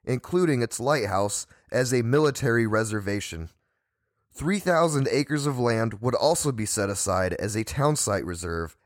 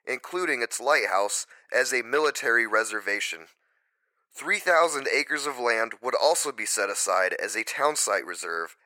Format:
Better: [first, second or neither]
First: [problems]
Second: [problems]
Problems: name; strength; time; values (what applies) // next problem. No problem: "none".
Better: first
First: none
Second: thin; very; fading below 450 Hz